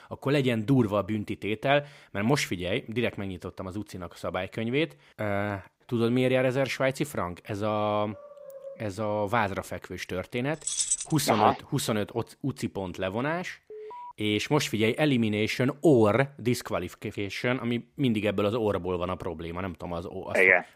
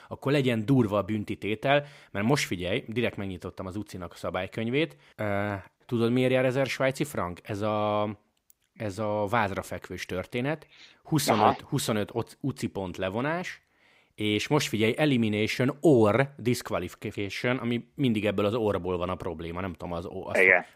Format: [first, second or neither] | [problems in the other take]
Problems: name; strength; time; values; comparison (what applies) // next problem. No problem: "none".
second | dog barking; faint; at 8 s; peak 15 dB below the speech // jangling keys; loud; at 11 s; peak 2 dB above the speech // alarm; faint; at 14 s; peak 15 dB below the speech